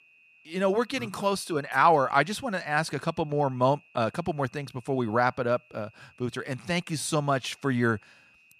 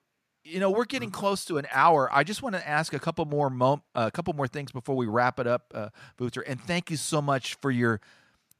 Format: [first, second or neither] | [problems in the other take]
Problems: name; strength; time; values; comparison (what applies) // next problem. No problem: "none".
second | high-pitched whine; faint; throughout; 2.5 kHz, 30 dB below the speech